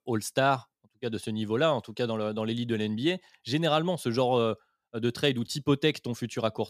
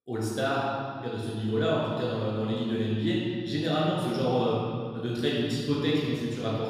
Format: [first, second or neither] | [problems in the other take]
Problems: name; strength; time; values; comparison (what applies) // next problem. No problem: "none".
first | room echo; strong; dies away in 2.4 s // off-mic speech; far